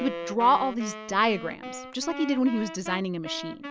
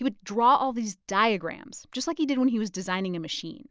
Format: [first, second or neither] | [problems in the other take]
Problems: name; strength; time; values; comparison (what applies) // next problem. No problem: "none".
second | background sound (Wind instrument, woodwind instrument); 11 dB below the speech